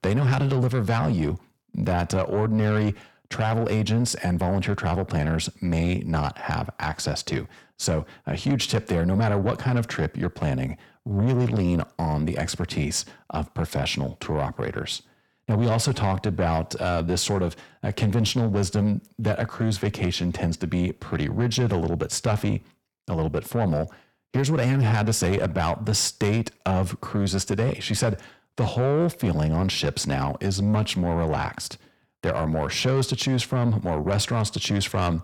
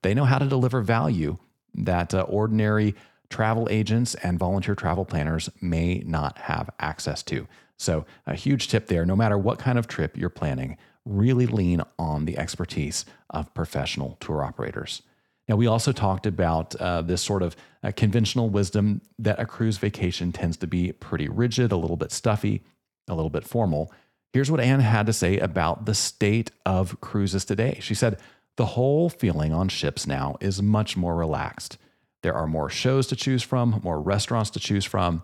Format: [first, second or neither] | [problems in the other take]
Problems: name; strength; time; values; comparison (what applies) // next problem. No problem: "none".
second | distortion; slight; 10 dB below the speech